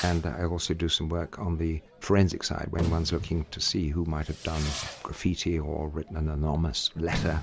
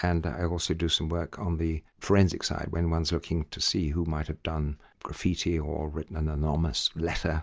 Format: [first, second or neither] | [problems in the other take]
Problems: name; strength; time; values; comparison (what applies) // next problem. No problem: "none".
second | background sound (Fireworks); 12 dB below the speech